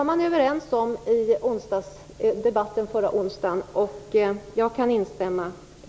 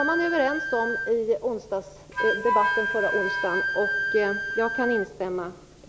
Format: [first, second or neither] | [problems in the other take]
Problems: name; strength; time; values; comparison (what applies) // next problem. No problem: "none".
first | background sound (Wind instrument, woodwind instrument); 2 dB below the speech